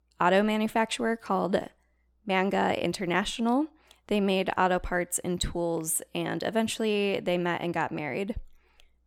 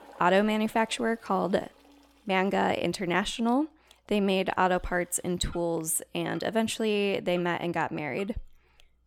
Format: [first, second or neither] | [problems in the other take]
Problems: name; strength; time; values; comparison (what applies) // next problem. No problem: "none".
first | household noises; faint; throughout; 30 dB below the speech